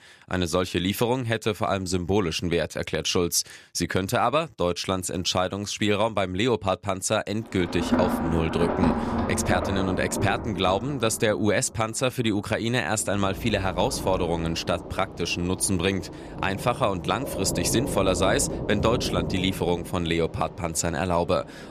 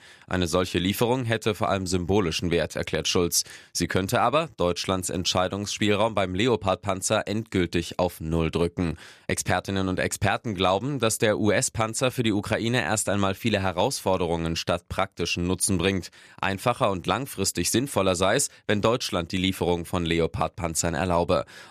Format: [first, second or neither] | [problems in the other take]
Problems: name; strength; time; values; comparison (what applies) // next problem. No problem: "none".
second | rain or running water; loud; from 7.5 s on; 6 dB below the speech